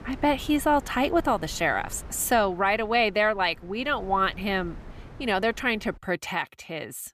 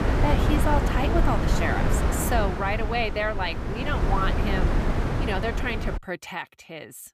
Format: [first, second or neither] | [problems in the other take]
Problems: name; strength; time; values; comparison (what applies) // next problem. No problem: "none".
first | wind noise on the microphone; heavy; until 6 s; 3 dB below the speech; occasional gusts in the first